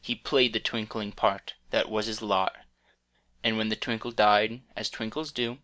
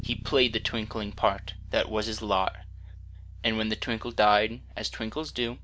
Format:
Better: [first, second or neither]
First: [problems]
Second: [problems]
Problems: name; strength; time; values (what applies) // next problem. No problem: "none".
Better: first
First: none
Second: background sound (Bass guitar); 13 dB below the speech